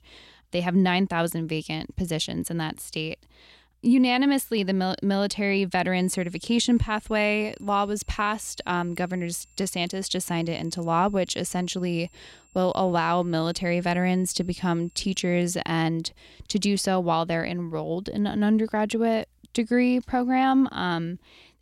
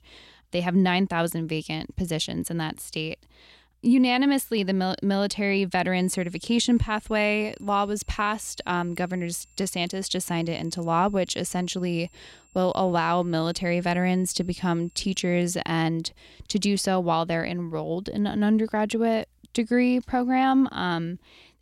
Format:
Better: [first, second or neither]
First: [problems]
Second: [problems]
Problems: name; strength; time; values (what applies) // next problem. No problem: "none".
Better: neither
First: high-pitched whine; faint; from 6 to 15 s; 7.5 kHz, 35 dB below the speech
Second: high-pitched whine; faint; from 6 to 15 s; 7.5 kHz, 35 dB below the speech